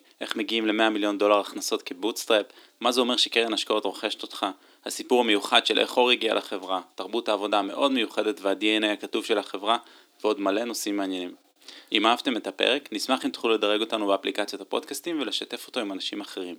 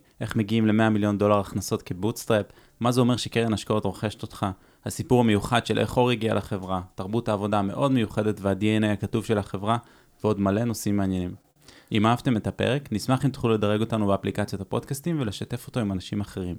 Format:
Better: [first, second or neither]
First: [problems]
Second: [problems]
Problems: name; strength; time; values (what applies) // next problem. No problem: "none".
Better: second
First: thin; somewhat; fading below 300 Hz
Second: none